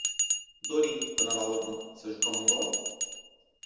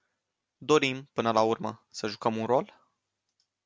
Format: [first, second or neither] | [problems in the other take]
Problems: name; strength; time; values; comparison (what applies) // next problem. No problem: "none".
second | background sound (Bell); 3 dB above the speech // room echo; dies away in 1.1 s